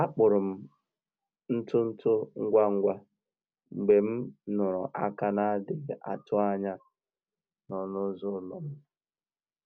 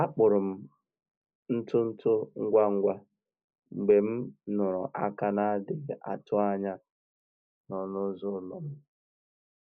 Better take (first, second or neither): first